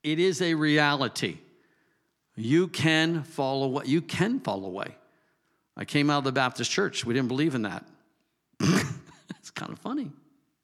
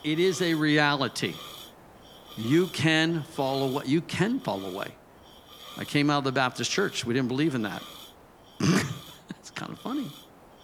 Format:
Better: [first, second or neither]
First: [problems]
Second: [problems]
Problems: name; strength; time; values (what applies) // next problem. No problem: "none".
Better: first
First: none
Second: hiss; noticeable; throughout; 20 dB below the speech